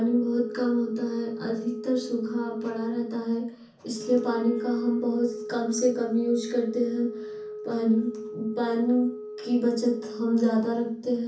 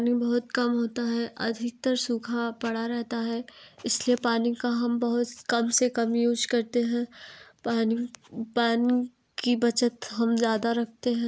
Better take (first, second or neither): second